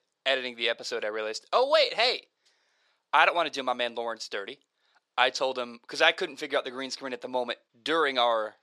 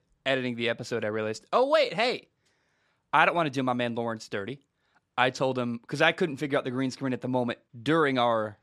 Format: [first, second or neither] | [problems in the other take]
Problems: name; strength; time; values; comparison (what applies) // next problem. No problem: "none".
second | thin; somewhat; fading below 550 Hz